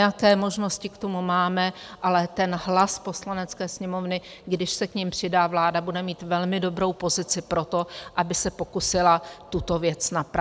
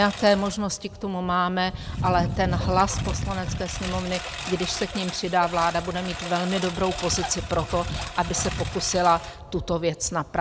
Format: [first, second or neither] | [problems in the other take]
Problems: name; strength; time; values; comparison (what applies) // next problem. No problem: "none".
first | background sound (Engine); 7 dB below the speech